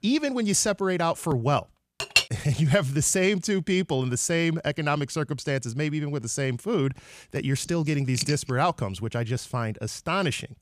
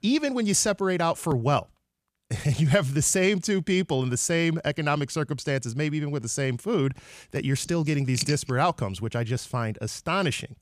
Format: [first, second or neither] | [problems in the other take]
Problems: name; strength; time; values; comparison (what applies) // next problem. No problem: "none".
second | clattering dishes; loud; at 2 s; peak 4 dB above the speech